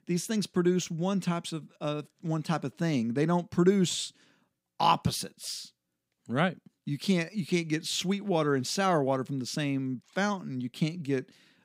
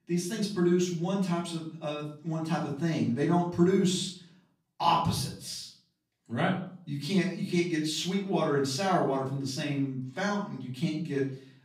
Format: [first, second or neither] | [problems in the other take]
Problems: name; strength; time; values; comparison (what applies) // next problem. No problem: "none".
first | off-mic speech; far // room echo; slight; dies away in 0.4 s